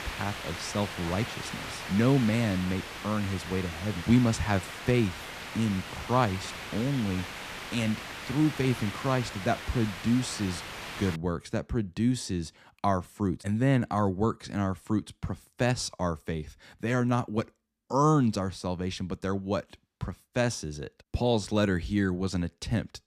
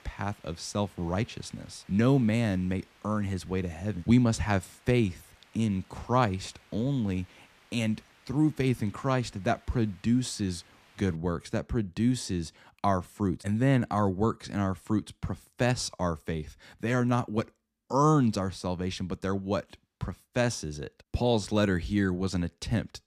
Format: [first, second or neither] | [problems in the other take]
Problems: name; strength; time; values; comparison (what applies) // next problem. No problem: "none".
second | hiss; loud; until 11 s; 9 dB below the speech; faint in the second